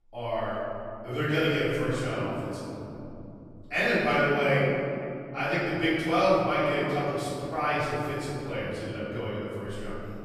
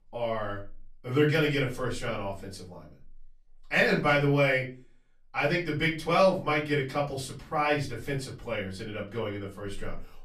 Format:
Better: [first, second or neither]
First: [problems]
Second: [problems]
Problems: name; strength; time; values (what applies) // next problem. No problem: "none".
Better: second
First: room echo; strong; dies away in 3 s // off-mic speech; far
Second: room echo; slight; dies away in 0.3 s // off-mic speech; far